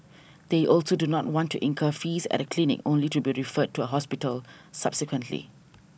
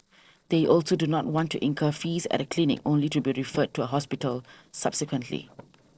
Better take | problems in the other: first | noise reduction (neural separator model SepFormer DNS4)

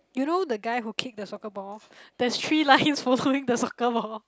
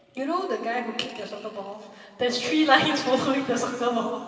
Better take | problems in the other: first | room echo; dies away in 2.7 s

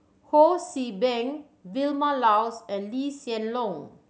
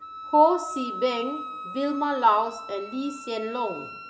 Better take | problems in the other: first | background sound (Wind instrument, woodwind instrument); 11 dB below the speech // room echo; dies away in 1.4 s

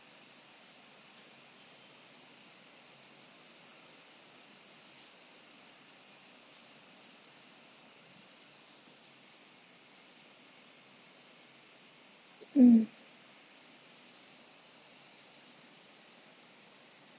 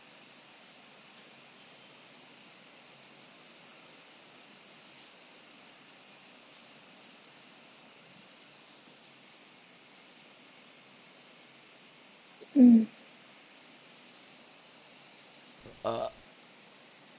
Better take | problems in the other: first | background sound (Burping, eructation); 1 dB below the speech

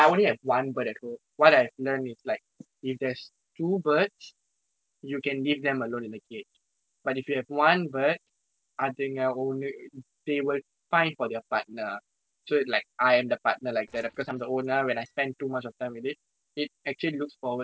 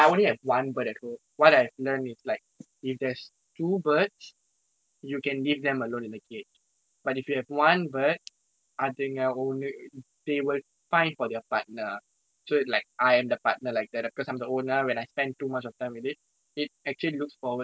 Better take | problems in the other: second | noise reduction (neural separator model SepFormer DNS4)

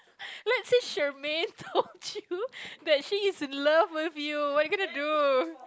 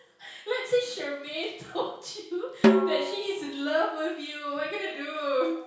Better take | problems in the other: first | background sound (Snare drum); 3 dB above the speech // room echo; dies away in 0.6 s

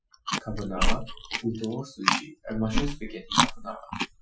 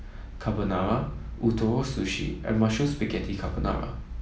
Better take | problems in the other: second | noise reduction (classical method Wiener filter)

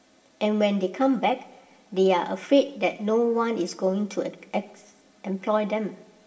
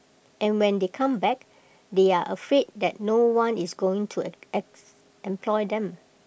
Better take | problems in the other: second | room echo; dies away in 0.8 s

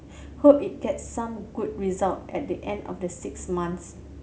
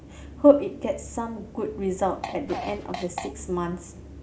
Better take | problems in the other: first | background sound (Fart); 11 dB below the speech

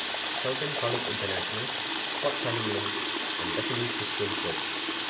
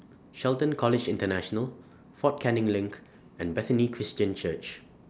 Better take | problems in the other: second | background sound (Water tap, faucet); 4 dB above the speech // room echo; dies away in 2.5 s

